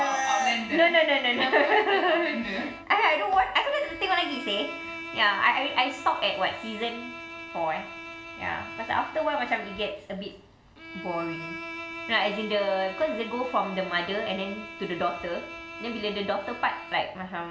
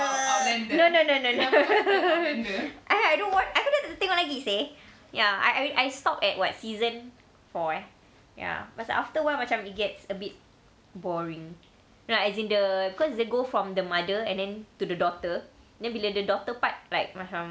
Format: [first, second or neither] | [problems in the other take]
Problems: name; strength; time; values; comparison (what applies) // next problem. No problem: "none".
second | background sound (Bowed string instrument); 13 dB below the speech // room echo; dies away in 0.9 s